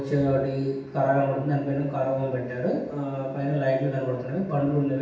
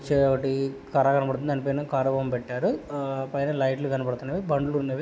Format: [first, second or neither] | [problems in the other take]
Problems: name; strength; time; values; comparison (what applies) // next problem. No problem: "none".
second | room echo; dies away in 0.9 s